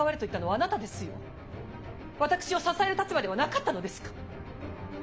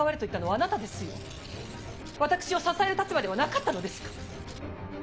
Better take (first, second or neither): first